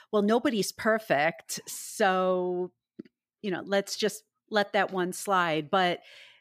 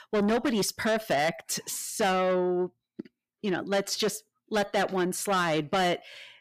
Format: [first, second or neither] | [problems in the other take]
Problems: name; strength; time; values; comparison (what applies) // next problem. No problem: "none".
first | distortion; heavy; 8 dB below the speech